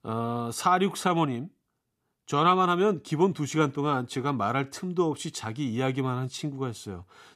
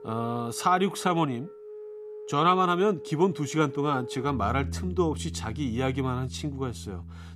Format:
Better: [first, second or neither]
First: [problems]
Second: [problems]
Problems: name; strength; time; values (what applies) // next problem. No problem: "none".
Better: first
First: none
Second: background music; noticeable; throughout; 10 dB below the speech